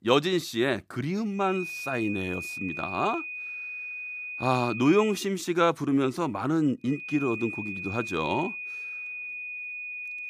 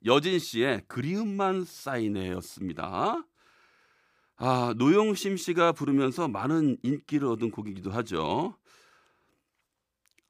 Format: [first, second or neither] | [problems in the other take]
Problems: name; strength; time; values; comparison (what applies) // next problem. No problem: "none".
second | high-pitched whine; loud; from 1.5 to 5 s and from 7 s on; 2.5 kHz, 7 dB below the speech